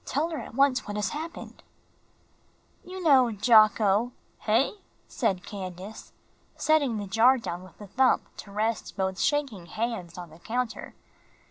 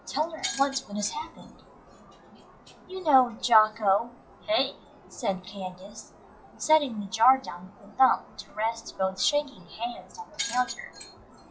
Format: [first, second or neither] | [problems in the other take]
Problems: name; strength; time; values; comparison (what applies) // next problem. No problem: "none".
first | noise reduction (classical method WPE with log-MMSE)